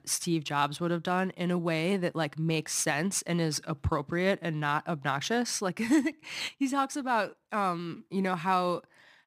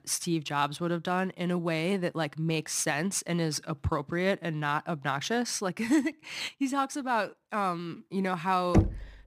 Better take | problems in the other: first | door banging; loud; at 8.5 s; peak 3 dB above the speech

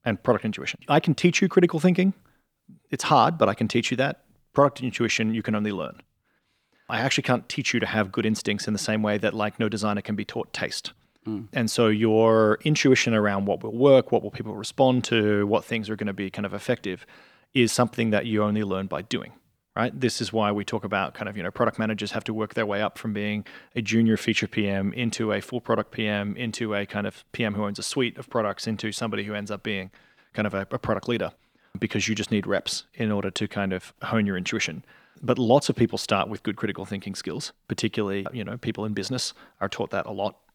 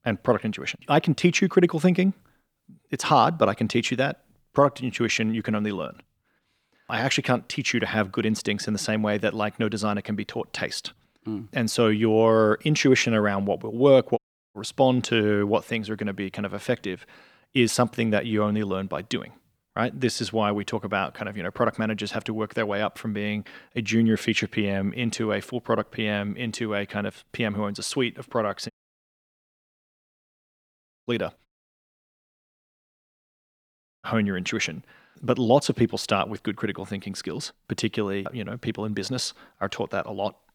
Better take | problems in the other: first | audio cutting out; at 14 s, at 29 s for 2.5 s and at 31 s for 2.5 s

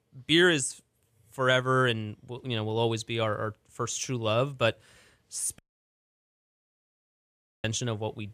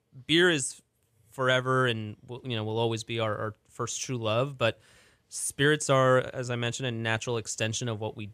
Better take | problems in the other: second | audio cutting out; at 5.5 s for 2 s

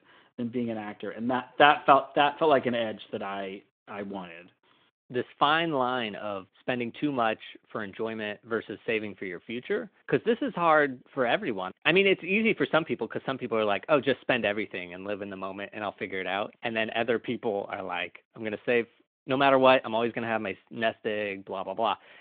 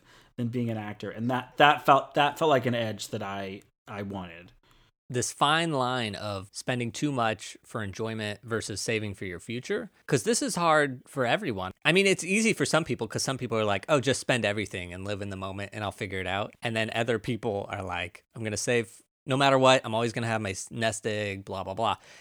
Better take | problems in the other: second | phone-call audio

